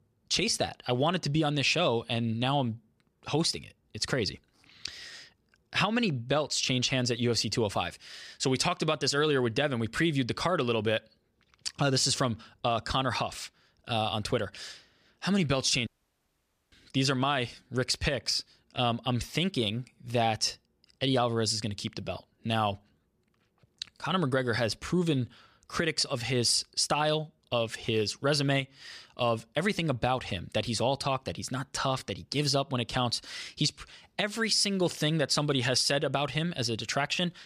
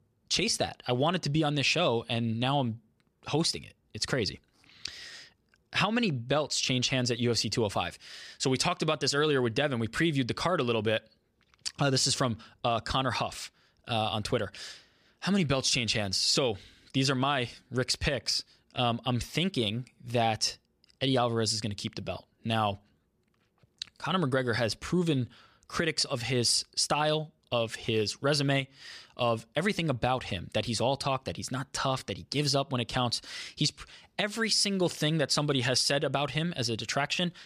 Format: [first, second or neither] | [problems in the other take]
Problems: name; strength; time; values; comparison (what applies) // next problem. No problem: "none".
second | audio cutting out; at 16 s for 1 s